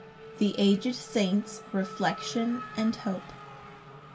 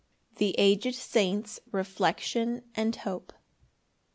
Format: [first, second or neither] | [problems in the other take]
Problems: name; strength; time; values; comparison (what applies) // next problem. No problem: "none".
second | background sound (Race car, auto racing / Accelerating, revving, vroom); 14 dB below the speech // room echo; dies away in 0.2 s